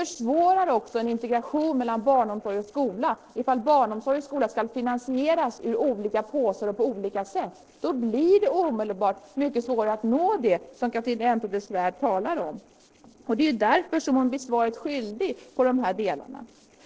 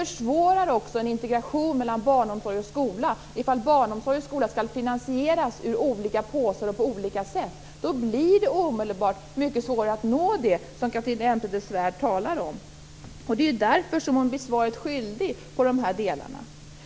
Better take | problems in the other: second | noise reduction (neural separator model SepFormer DNS4)

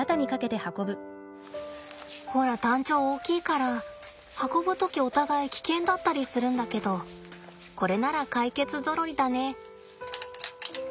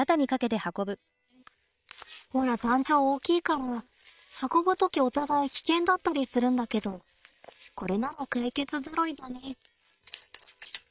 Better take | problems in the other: first | noise reduction (neural separator model SepFormer WHAM!)

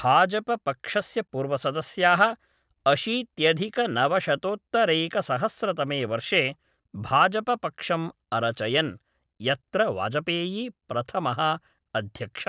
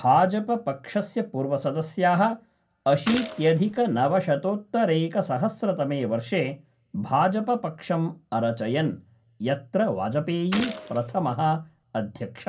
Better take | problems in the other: first | background sound (Gunshot, gunfire); 12 dB below the speech // room echo; dies away in 0.2 s

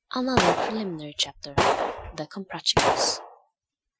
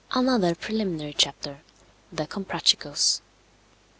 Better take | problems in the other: second | noise reduction (classical method Wiener filter)

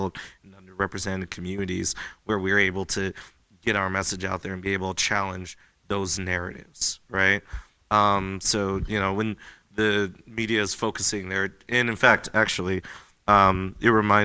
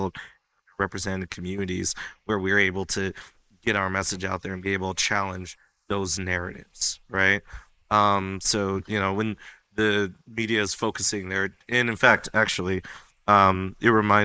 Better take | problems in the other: first | noise reduction (neural mask model Resemble Enhance denoiser)

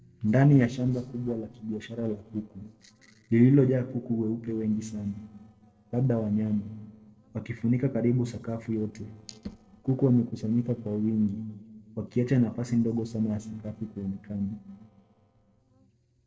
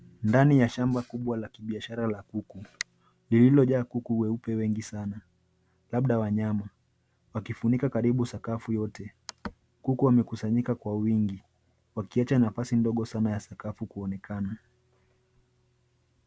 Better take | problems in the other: second | noise reduction (neural separator model SepFormer DNS4)

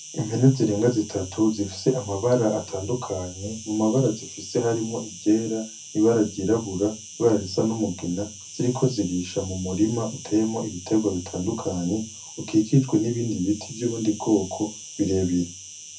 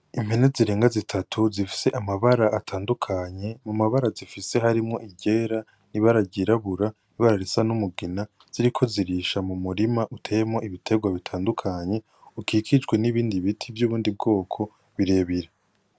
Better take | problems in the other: second | background sound (Insect); 16 dB below the speech // room echo; dies away in 0.3 s

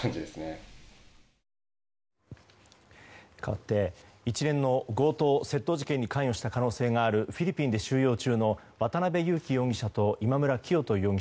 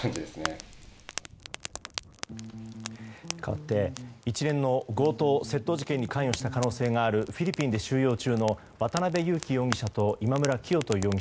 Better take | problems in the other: first | background sound (Bass guitar + Fire); 13 dB below the speech

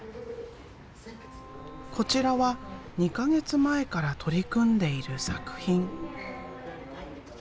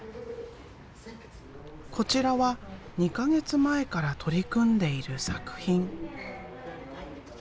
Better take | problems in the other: second | background sound (Bowed string instrument); 18 dB below the speech

